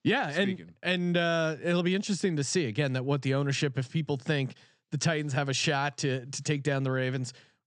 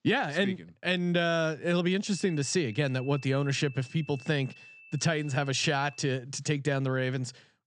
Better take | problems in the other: first | high-pitched whine; faint; from 2 to 6 s; 2.5 kHz, 20 dB below the speech

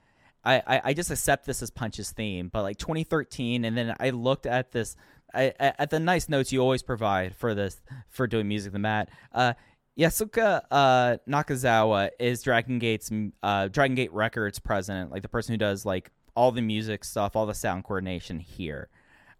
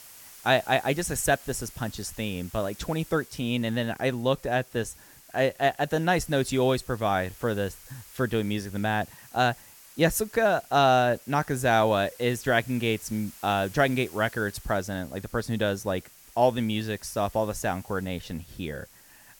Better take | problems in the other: first | hiss; faint; throughout; 20 dB below the speech

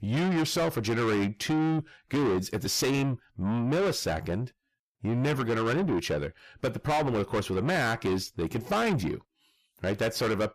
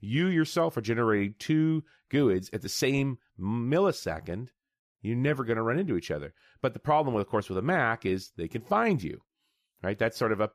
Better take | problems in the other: second | distortion; heavy; 6 dB below the speech

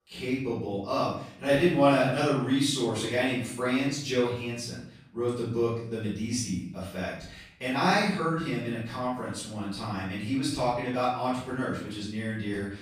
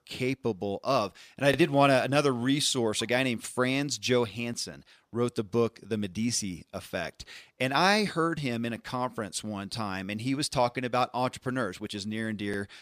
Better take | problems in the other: second | off-mic speech; far // room echo; noticeable; dies away in 0.6 s

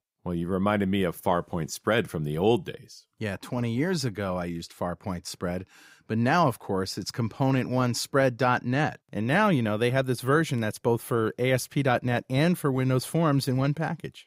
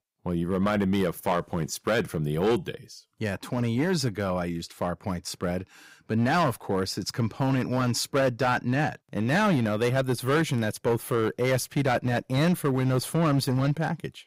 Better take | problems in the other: first | distortion; slight; 6% of the sound clipped

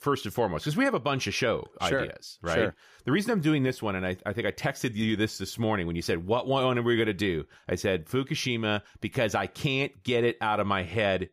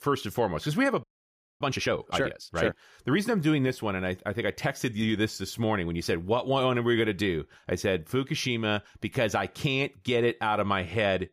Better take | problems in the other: first | audio freezing; at 1 s for 0.5 s

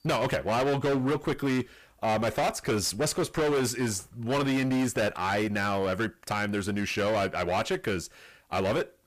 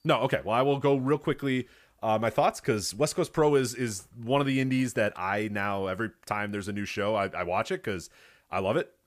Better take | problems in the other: second | distortion; heavy; 22% of the sound clipped

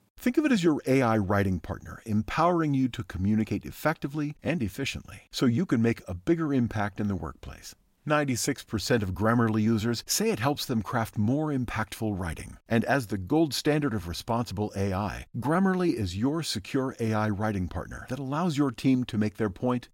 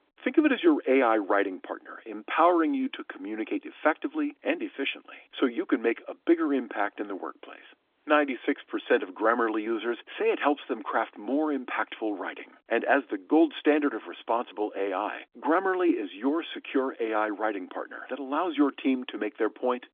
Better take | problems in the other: first | phone-call audio; nothing above 3.5 kHz

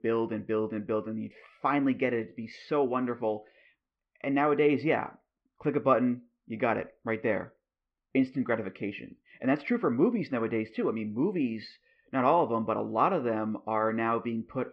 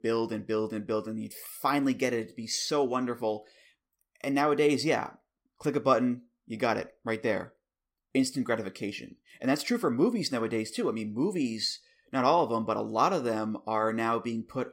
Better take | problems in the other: second | muffled; very; fading above 2.5 kHz

